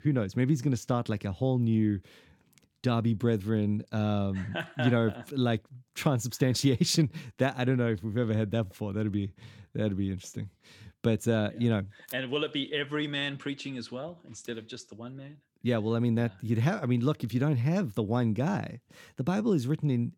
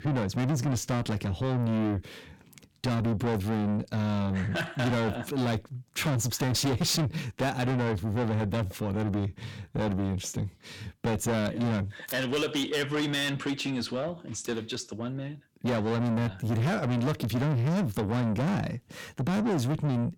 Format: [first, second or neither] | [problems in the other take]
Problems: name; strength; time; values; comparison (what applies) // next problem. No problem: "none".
first | distortion; heavy; 5 dB below the speech